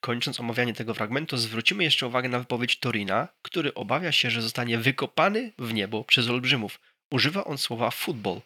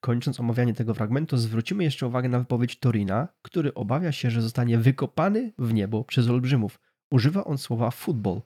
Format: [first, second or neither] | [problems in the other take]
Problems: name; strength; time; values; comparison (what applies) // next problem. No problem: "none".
second | thin; somewhat; fading below 700 Hz